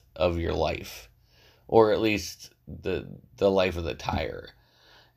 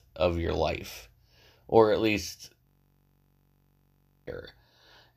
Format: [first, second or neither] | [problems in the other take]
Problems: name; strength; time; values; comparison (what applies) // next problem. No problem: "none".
first | audio freezing; at 2.5 s for 1.5 s